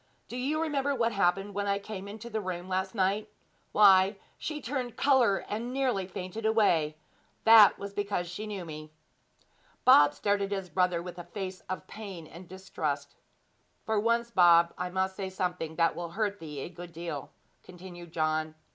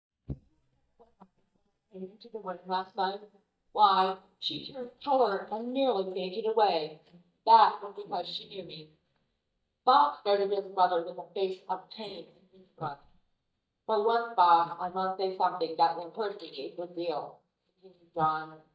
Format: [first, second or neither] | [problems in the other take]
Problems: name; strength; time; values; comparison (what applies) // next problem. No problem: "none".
first | noise reduction (neural mask model DeepFilterNet 3)